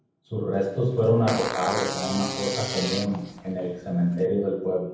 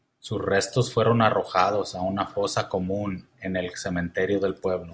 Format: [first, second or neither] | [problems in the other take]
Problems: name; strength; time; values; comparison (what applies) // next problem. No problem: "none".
second | background sound (Fart); 8 dB below the speech // room echo; dies away in 0.9 s